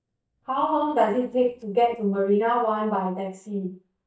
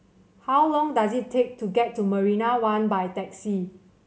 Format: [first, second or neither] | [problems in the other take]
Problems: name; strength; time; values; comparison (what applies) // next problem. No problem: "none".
second | noise reduction (neural mask model DeepFilterNet 3)